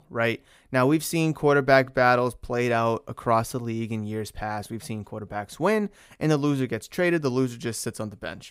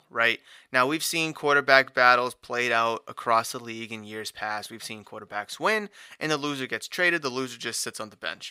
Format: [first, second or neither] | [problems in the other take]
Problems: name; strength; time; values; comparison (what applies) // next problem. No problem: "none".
first | thin; somewhat; fading below 650 Hz